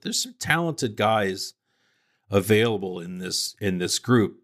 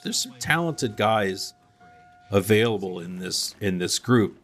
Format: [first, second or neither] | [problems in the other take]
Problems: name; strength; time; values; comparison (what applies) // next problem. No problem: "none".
first | traffic noise; faint; throughout; 30 dB below the speech